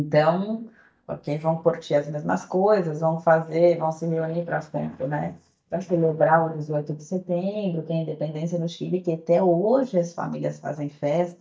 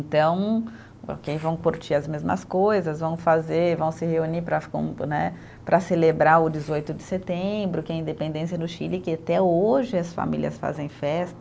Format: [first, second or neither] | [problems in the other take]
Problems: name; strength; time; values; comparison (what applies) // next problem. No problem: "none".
second | noise reduction (neural mask model DeepFilterNet 3)